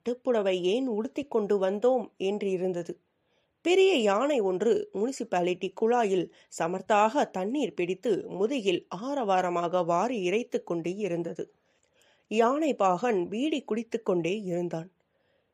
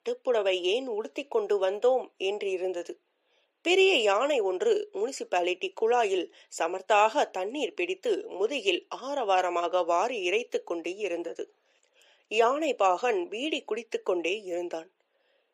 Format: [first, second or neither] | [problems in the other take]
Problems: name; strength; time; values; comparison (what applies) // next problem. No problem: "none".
first | thin; somewhat; fading below 350 Hz